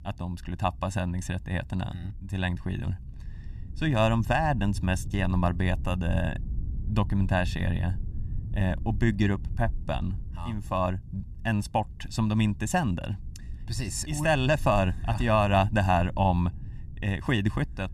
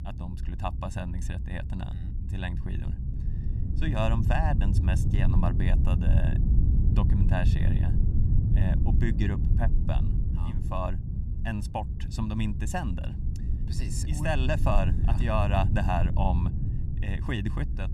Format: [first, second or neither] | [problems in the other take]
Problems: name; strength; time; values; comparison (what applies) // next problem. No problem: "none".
first | low rumble; loud; throughout; 8 dB below the speech; faint in the first